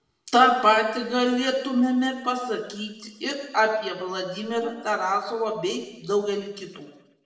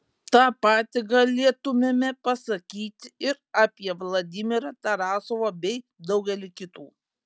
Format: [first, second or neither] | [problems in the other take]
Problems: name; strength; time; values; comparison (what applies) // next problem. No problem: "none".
second | room echo; dies away in 0.9 s